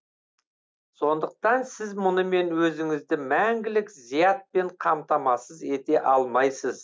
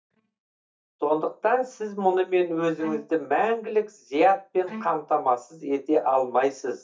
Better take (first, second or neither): first